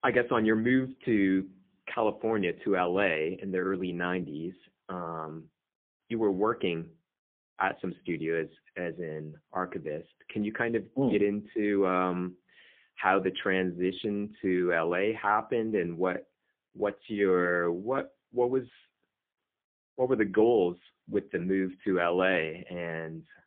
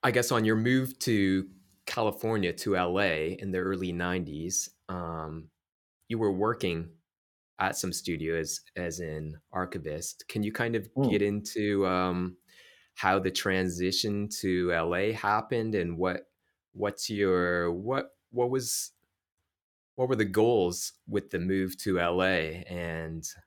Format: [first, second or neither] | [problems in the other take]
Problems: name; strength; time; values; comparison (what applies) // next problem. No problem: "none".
second | phone-call audio; poor line